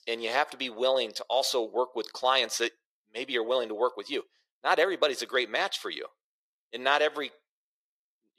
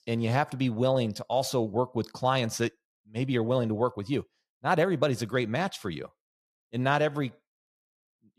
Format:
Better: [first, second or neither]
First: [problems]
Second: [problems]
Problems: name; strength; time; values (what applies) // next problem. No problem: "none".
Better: second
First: thin; very; fading below 400 Hz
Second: none